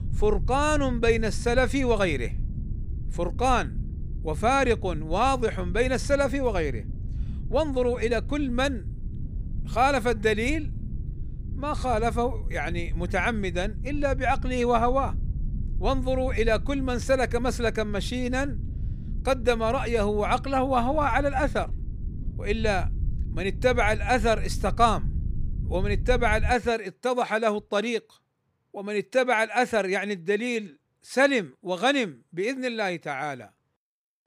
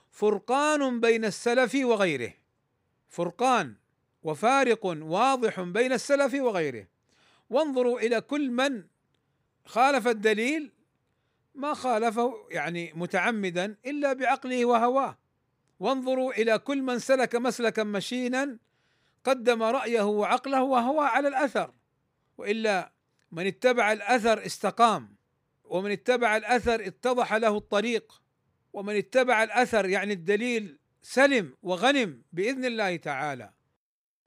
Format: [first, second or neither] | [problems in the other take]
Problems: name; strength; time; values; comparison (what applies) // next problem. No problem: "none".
second | low rumble; faint; until 27 s; 25 dB below the speech